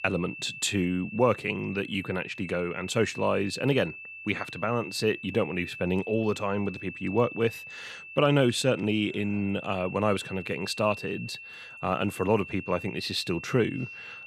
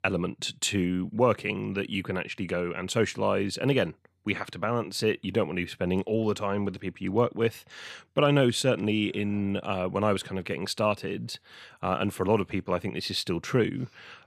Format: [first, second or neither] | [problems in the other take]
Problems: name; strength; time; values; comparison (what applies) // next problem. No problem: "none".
second | high-pitched whine; noticeable; throughout; 2.5 kHz, 10 dB below the speech